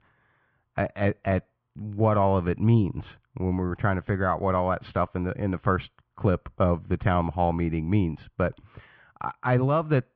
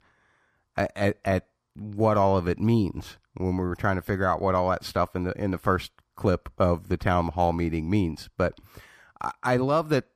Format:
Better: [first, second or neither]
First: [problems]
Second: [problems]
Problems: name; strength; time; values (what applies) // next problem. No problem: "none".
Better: second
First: muffled; very; fading above 3 kHz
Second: none